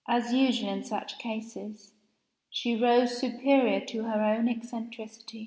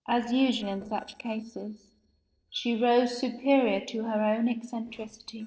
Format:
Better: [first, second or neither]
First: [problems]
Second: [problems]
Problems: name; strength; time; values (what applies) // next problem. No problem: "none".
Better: first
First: none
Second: noise reduction (neural separator model SepFormer DNS4)